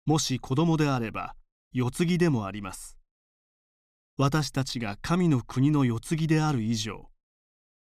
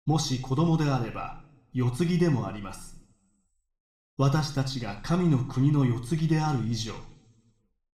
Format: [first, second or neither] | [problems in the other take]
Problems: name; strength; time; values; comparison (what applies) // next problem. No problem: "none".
first | room echo; slight; dies away in 0.5 s // off-mic speech; somewhat distant